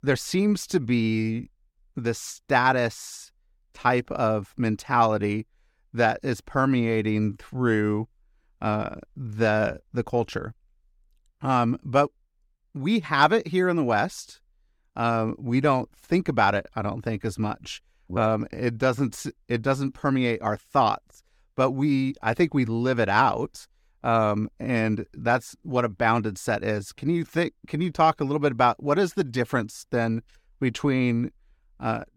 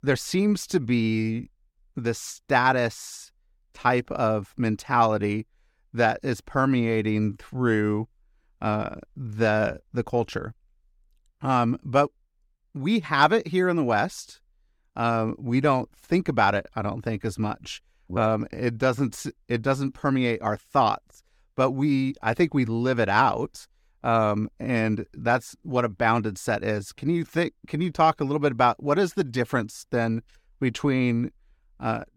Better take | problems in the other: neither | none

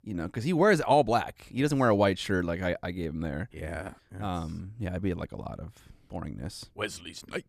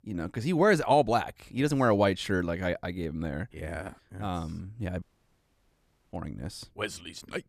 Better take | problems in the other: first | audio cutting out; at 5 s for 1 s

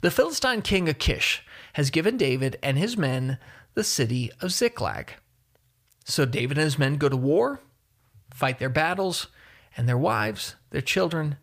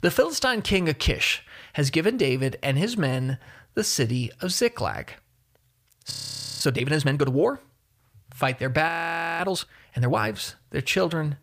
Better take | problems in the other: first | audio freezing; at 6 s and at 9 s for 0.5 s

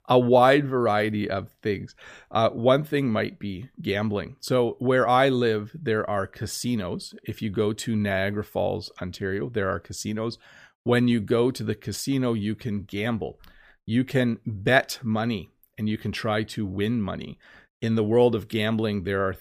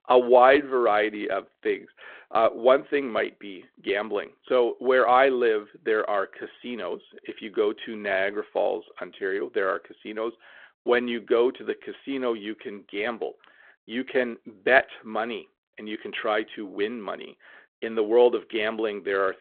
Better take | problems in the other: first | phone-call audio

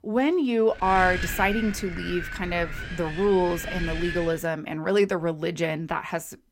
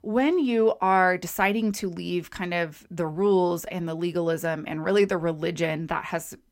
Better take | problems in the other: second | wind noise on the microphone; heavy; from 1 to 4.5 s; 7 dB below the speech

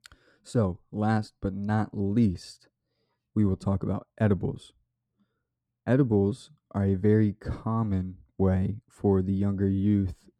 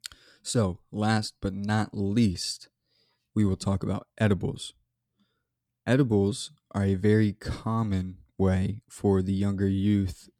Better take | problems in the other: second | muffled; slightly; fading above 2 kHz

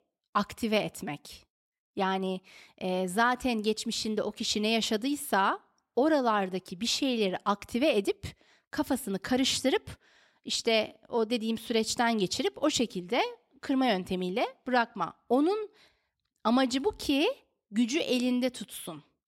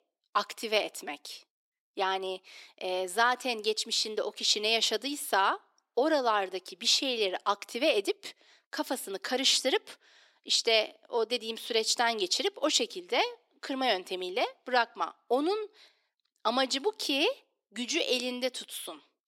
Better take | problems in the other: first | thin; somewhat; fading below 350 Hz

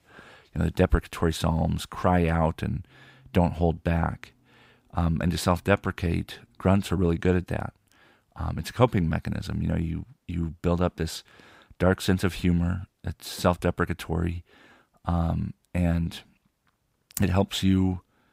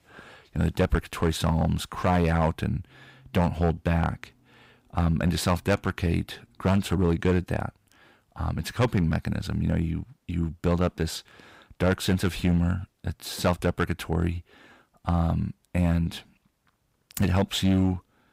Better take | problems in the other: first | distortion; slight; 3% of the sound clipped

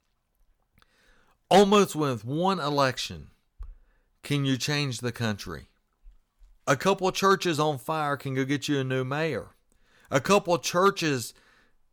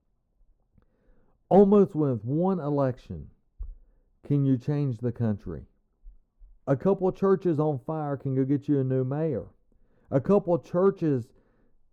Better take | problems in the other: first | muffled; very; fading above 1.5 kHz

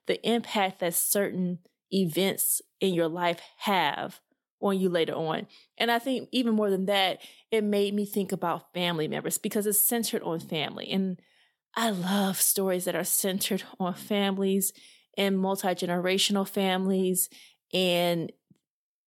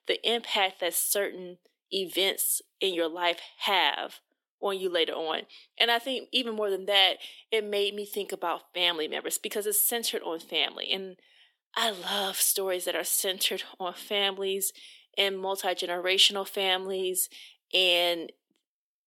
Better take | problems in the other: first | thin; somewhat; fading below 300 Hz

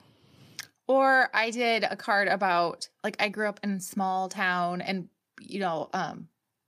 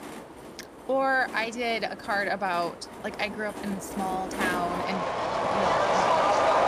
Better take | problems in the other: first | train or aircraft noise; very loud; throughout; 3 dB above the speech

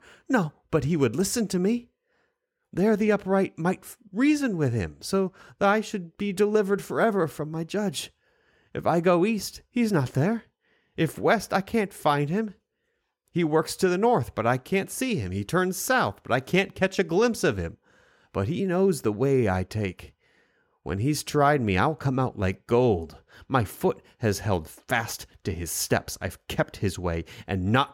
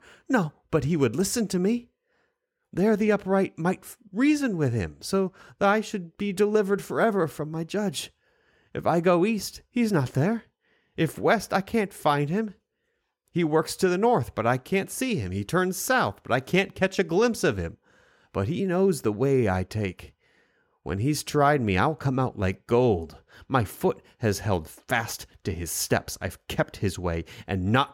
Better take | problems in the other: neither | none

